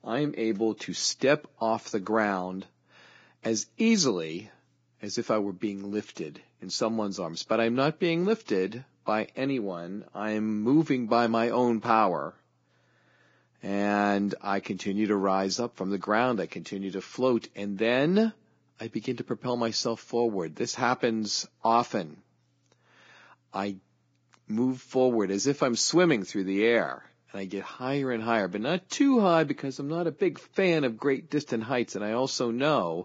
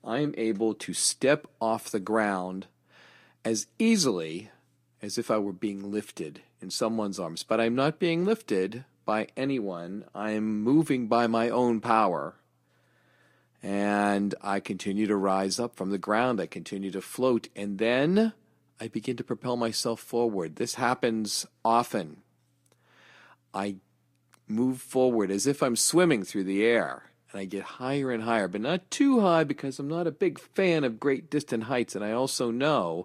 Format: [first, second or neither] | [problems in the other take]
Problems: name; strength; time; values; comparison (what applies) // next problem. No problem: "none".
second | garbled, watery; badly; slightly in the second